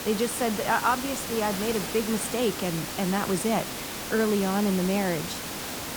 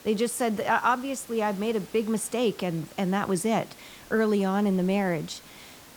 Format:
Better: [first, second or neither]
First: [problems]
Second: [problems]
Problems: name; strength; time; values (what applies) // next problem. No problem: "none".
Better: second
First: hiss; loud; throughout; 5 dB below the speech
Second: hiss; faint; throughout; 20 dB below the speech